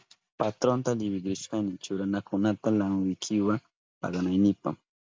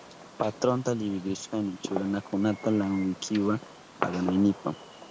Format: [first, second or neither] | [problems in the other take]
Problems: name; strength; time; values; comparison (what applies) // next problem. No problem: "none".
first | background sound (Fireworks); 12 dB below the speech